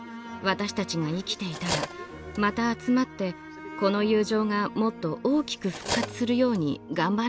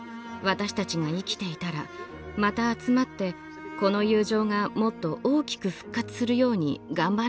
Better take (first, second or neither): second